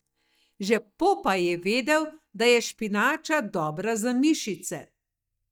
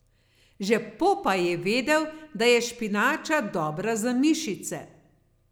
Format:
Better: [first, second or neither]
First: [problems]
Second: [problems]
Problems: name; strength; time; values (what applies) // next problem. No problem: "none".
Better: second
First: noise reduction (neural mask model DeepFilterNet 3)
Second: none